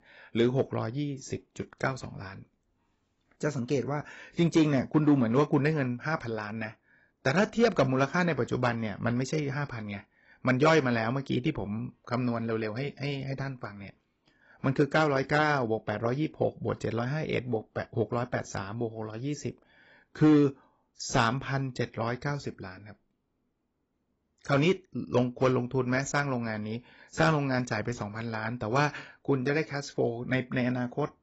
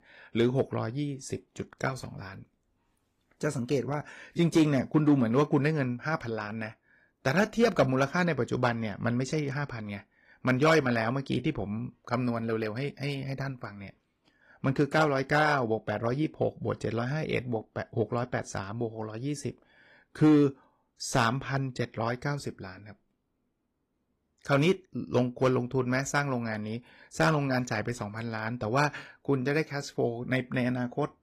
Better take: second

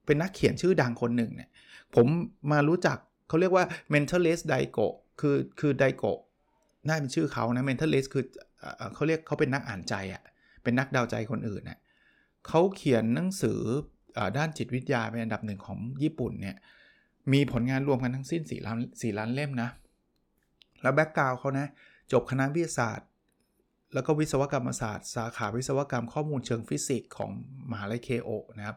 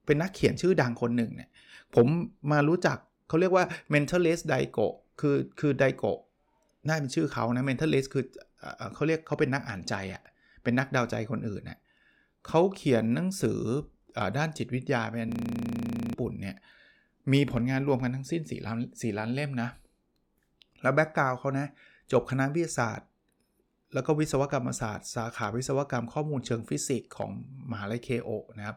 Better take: first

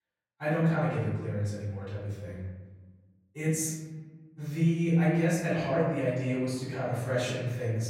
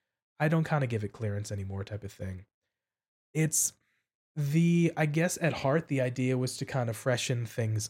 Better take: second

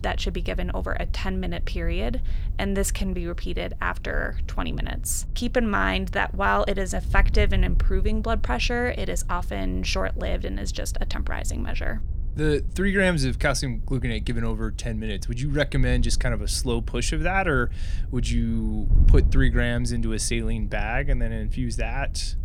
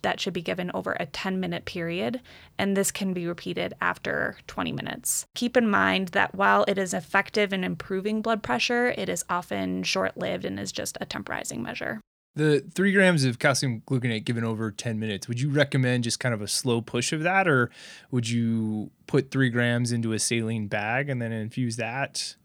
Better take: second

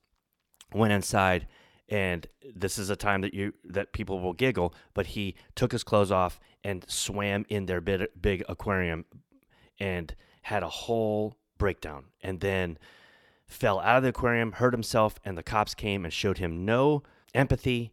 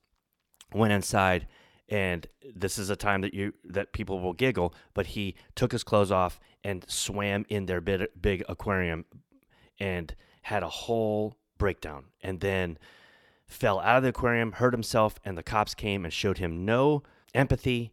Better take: neither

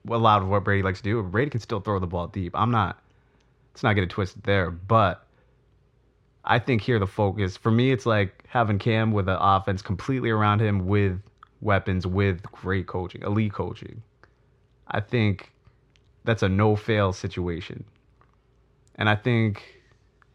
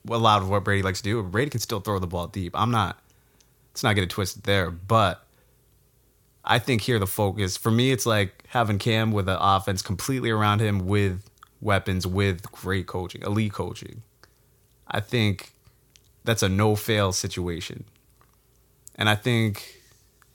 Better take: second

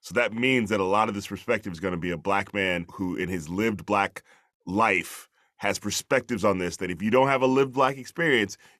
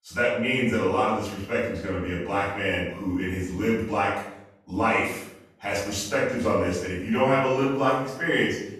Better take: first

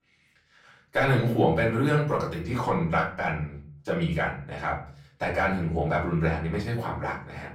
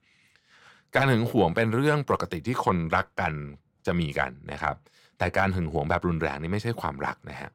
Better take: second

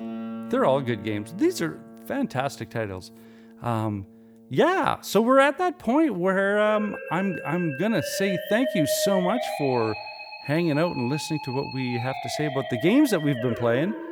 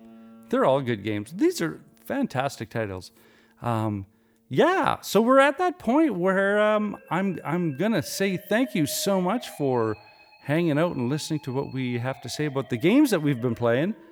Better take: second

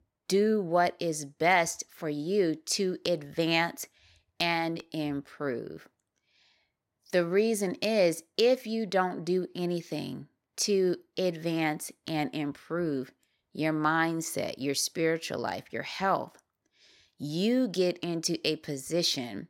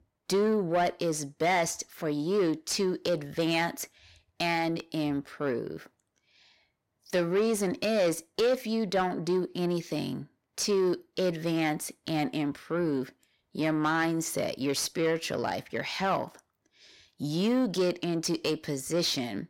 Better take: first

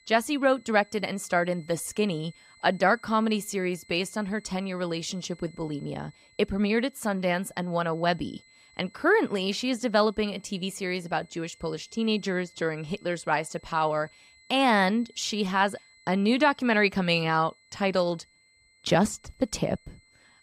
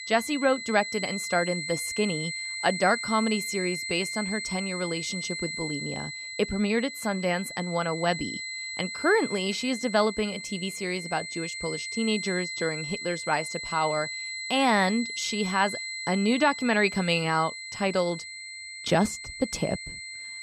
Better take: first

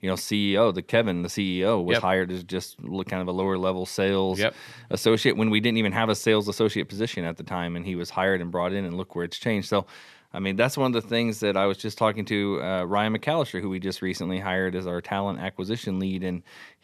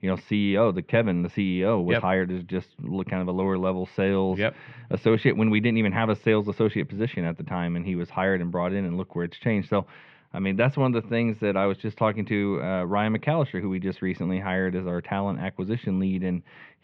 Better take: first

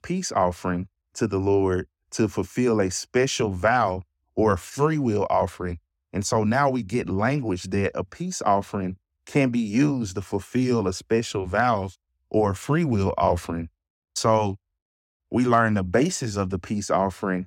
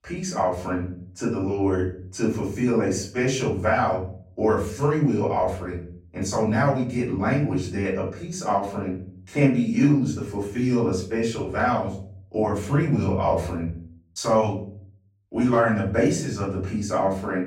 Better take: first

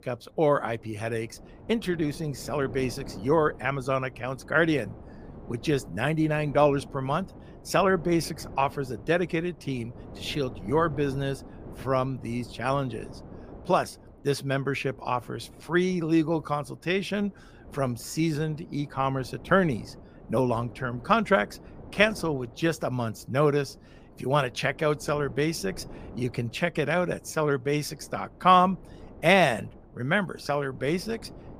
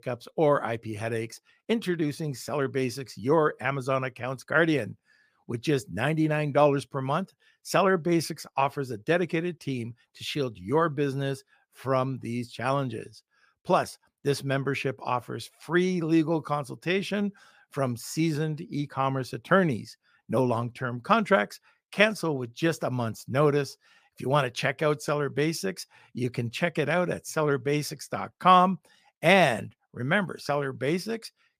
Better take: second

